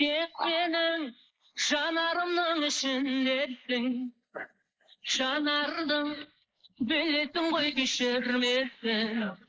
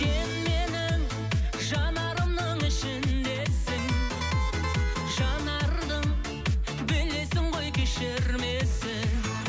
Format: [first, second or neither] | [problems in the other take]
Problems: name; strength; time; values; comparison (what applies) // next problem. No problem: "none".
second | noise reduction (neural mask model Resemble Enhance denoiser)